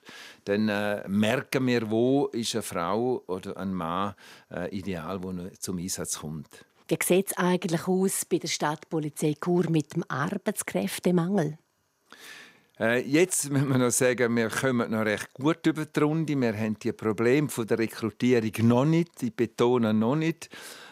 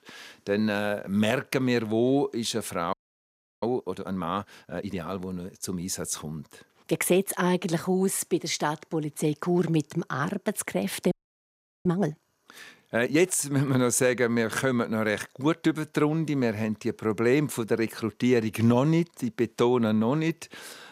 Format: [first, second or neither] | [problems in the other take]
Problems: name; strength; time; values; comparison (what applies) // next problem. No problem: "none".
first | audio freezing; at 3 s for 0.5 s and at 11 s for 0.5 s